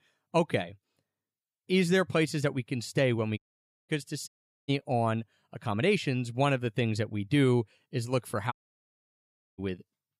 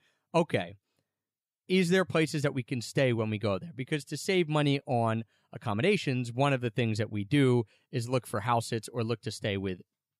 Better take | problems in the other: second | audio cutting out; at 3.5 s for 0.5 s, at 4.5 s and at 8.5 s for 1 s

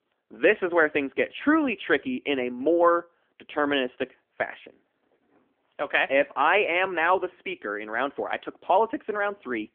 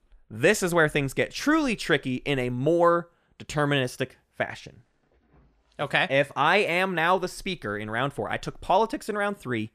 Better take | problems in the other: second | phone-call audio; nothing above 3 kHz

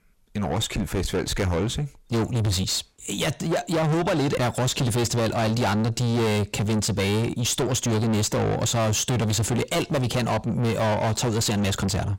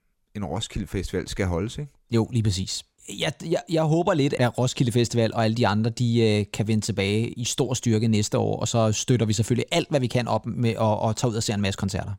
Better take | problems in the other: second | distortion; heavy; 6 dB below the speech

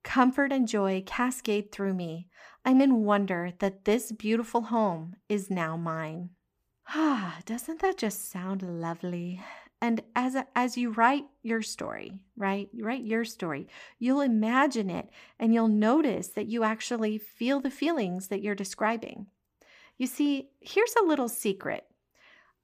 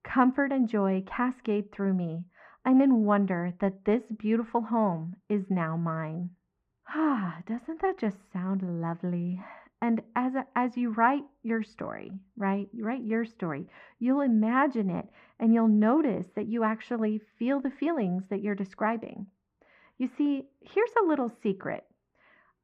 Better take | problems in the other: first | muffled; very; fading above 1.5 kHz

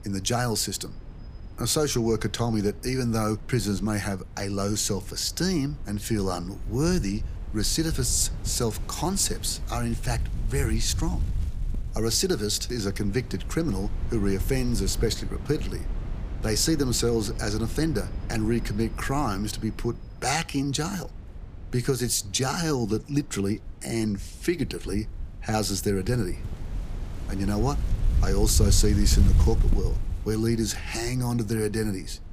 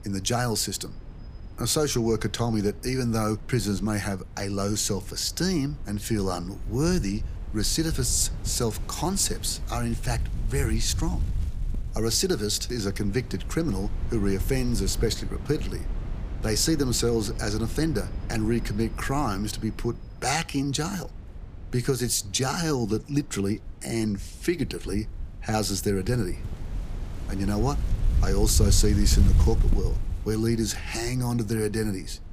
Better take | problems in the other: neither | wind noise on the microphone; occasional gusts; 20 dB below the speech; the same in both

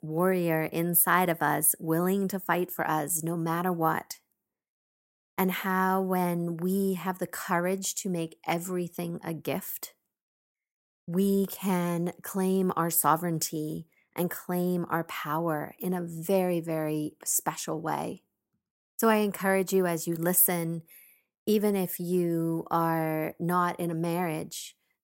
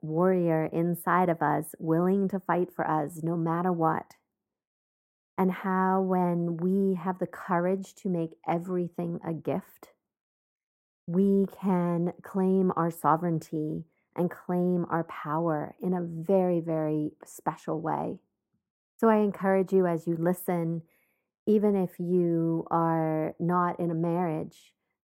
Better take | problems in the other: first | muffled; very; fading above 2.5 kHz

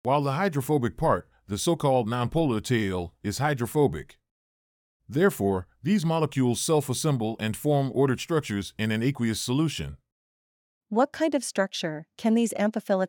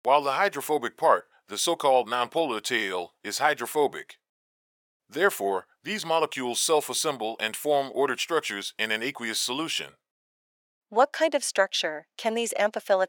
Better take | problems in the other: first | thin; very; fading below 600 Hz

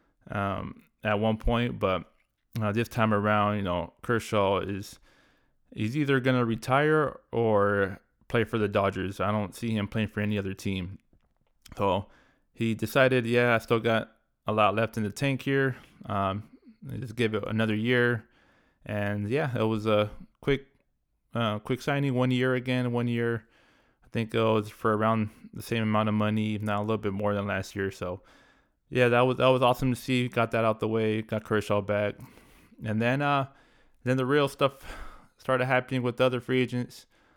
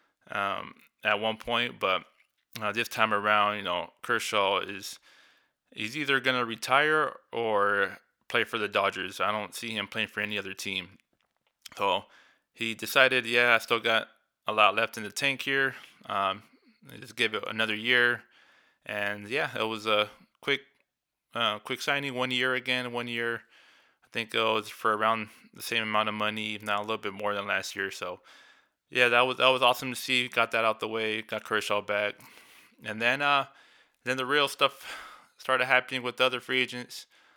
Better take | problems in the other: first | thin; somewhat; fading below 1 kHz

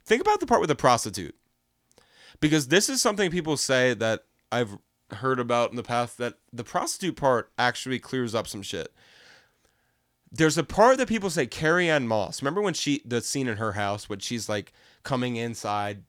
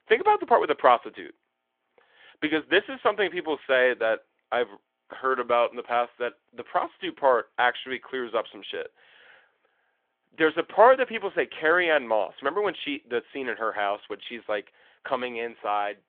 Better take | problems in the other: first | phone-call audio; nothing above 3.5 kHz

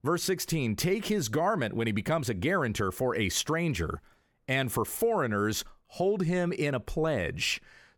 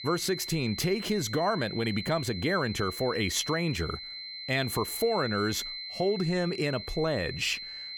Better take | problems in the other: first | high-pitched whine; loud; throughout; 4 kHz, 8 dB below the speech

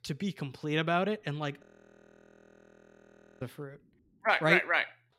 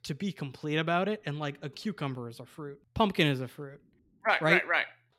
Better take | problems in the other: second | audio freezing; at 1.5 s for 2 s

